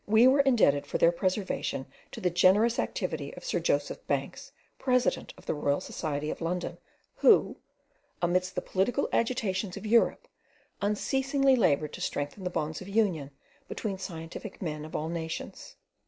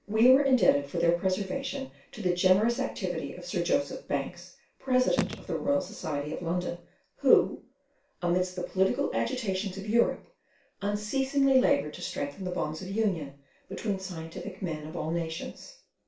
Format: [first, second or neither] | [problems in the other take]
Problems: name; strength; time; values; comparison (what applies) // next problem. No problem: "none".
first | background sound (Telephone); 7 dB below the speech // room echo; dies away in 0.3 s